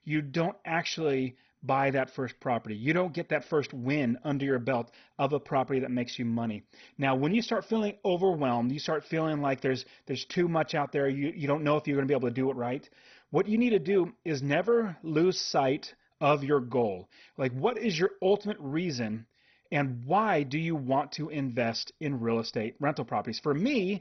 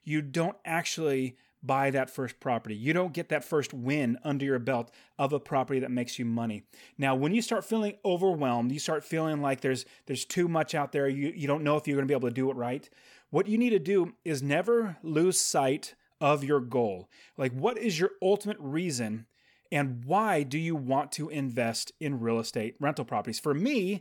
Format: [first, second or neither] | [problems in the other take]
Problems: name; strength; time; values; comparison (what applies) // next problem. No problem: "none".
second | garbled, watery; badly; nothing above 6 kHz